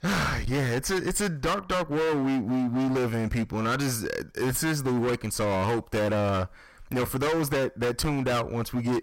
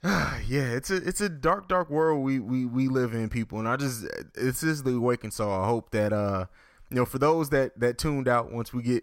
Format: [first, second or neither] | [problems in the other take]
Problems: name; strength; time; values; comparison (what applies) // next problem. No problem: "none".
second | distortion; heavy; 31% of the sound clipped